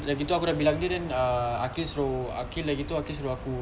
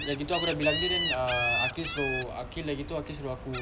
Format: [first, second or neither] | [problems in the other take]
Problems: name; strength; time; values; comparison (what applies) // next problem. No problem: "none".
first | background sound (Gull, seagull); 2 dB below the speech